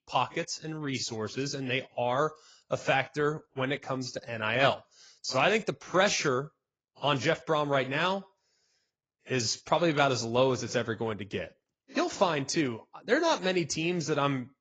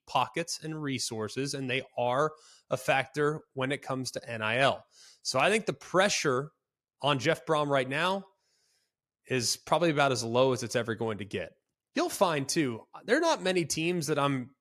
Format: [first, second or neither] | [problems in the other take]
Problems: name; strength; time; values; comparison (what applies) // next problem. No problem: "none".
second | garbled, watery; badly; nothing above 7.5 kHz